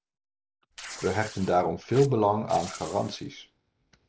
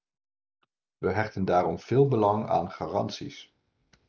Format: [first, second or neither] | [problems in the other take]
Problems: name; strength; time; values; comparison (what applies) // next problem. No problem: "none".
second | background sound (Tearing); 16 dB below the speech